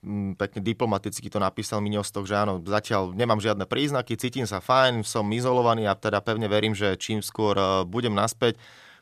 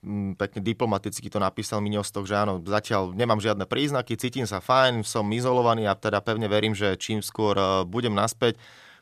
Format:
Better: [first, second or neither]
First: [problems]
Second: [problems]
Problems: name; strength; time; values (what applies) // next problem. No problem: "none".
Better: neither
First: none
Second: none